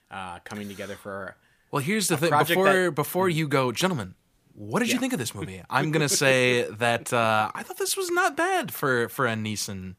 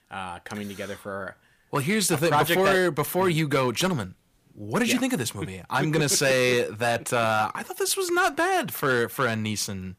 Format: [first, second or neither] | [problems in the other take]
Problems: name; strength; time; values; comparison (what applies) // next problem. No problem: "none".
first | distortion; slight; 3% of the sound clipped